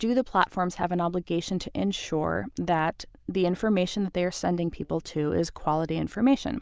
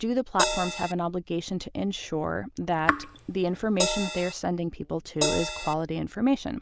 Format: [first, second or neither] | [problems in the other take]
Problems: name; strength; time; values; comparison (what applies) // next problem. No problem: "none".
first | background sound (Raindrop / Drip + Crash cymbal); 1 dB below the speech